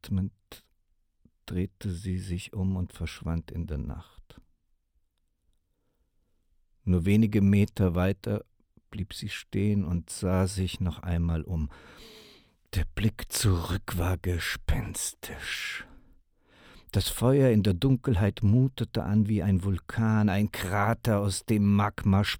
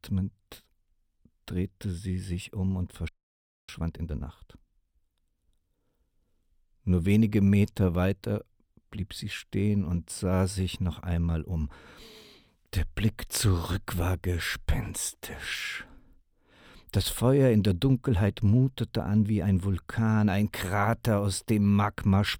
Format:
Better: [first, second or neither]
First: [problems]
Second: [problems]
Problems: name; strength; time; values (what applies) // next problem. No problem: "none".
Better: first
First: none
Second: audio freezing; at 3 s for 0.5 s